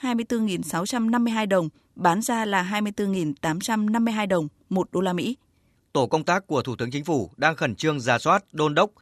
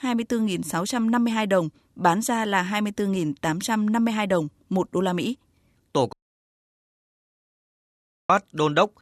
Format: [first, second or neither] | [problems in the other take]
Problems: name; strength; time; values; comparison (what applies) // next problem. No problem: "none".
first | audio cutting out; at 6 s for 2 s